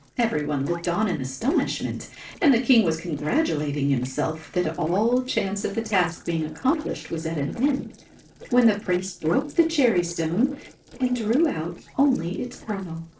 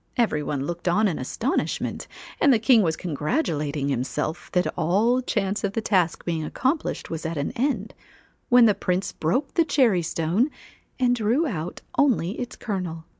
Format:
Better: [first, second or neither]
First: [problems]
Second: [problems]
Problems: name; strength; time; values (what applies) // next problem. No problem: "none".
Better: second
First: noise reduction (neural separator model SepFormer DNS4)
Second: none